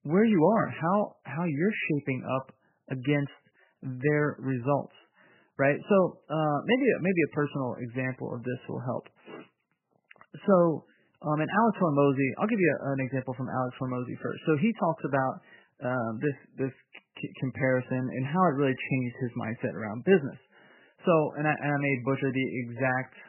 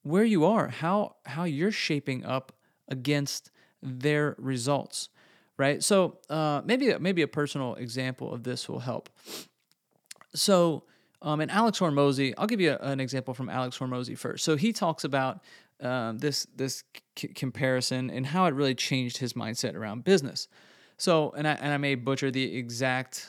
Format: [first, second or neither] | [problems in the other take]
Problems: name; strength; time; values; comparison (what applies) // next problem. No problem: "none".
second | garbled, watery; badly; nothing above 3 kHz